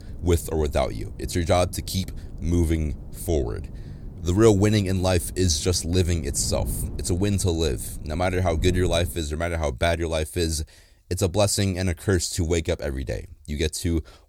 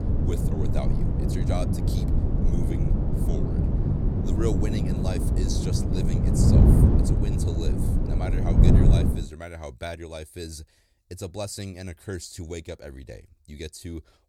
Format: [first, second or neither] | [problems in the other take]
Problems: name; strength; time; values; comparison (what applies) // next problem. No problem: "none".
first | wind noise on the microphone; heavy; until 9 s; 4 dB above the speech; occasional gusts in the first